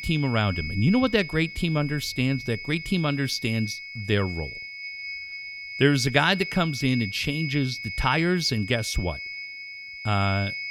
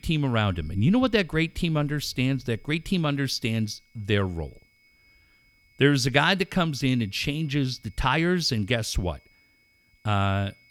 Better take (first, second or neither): second